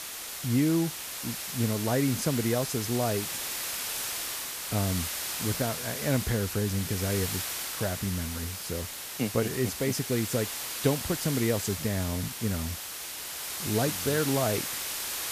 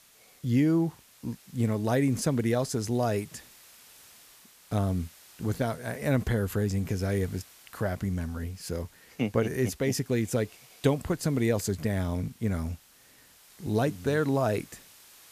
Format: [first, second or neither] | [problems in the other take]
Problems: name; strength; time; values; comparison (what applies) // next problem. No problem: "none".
second | hiss; loud; throughout; 3 dB below the speech; faint in the second